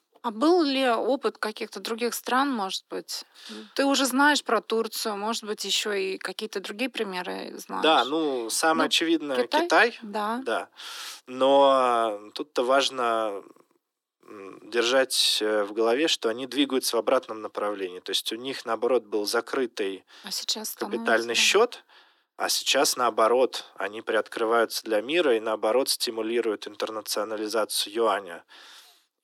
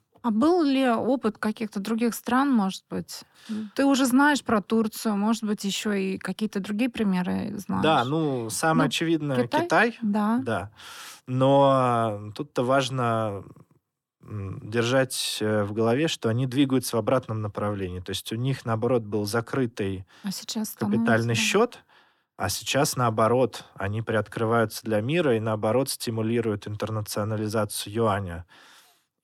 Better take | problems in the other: second | thin; somewhat; fading below 350 Hz

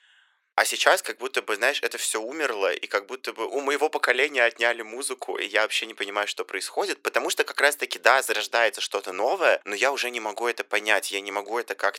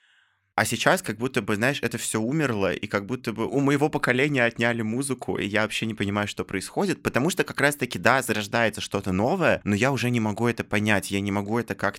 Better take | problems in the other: second | thin; very; fading below 400 Hz

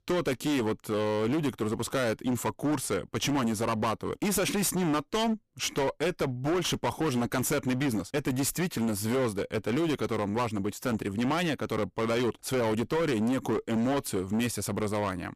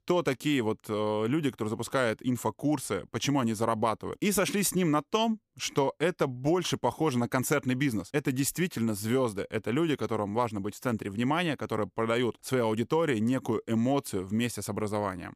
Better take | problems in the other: second | distortion; heavy; 23% of the sound clipped

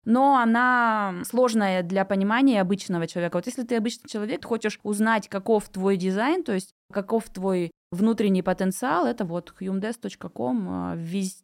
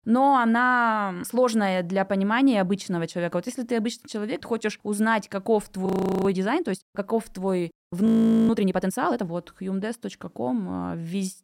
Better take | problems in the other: first | audio freezing; at 6 s and at 8 s

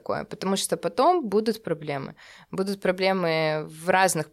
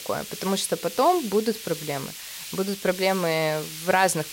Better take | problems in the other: first | hiss; noticeable; throughout; 10 dB below the speech

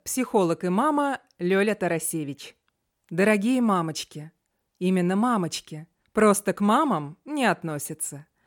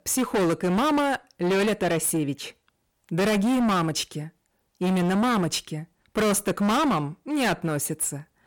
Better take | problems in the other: first | distortion; heavy; 22% of the sound clipped

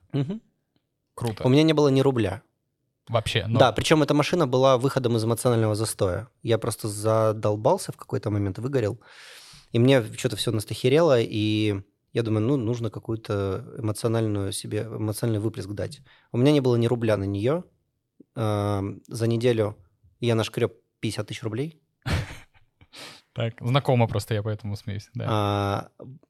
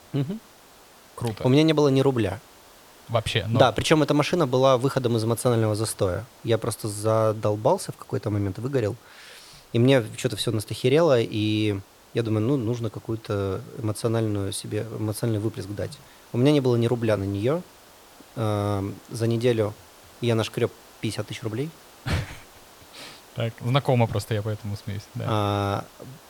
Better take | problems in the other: first | hiss; faint; throughout; 25 dB below the speech

